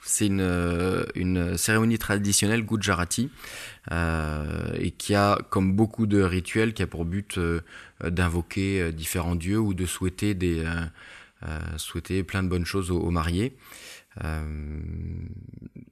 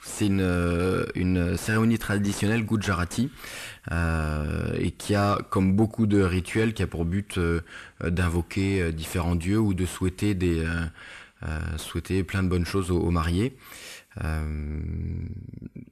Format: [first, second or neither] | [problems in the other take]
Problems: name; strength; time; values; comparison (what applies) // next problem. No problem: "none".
first | distortion; slight; 10 dB below the speech